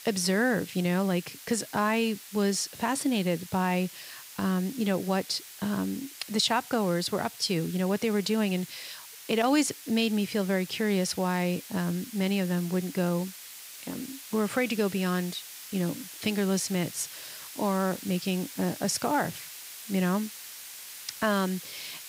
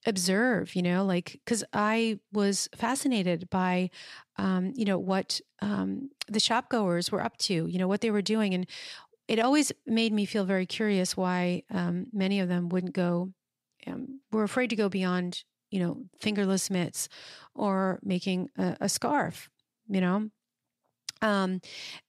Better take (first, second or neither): second